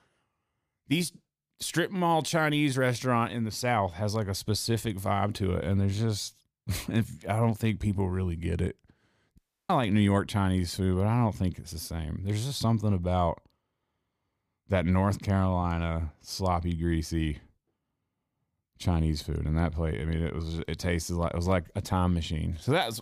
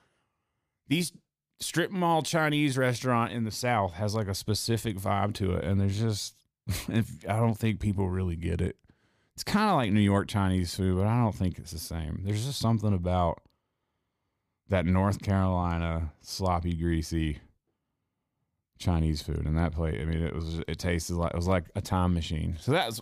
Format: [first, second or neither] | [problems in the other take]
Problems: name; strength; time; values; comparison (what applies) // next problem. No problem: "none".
second | audio cutting out; at 9.5 s